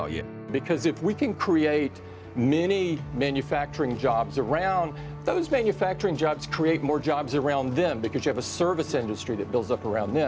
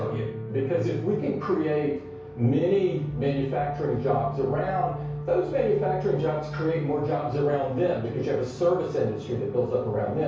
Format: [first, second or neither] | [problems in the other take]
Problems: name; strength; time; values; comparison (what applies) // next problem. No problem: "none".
first | room echo; dies away in 0.6 s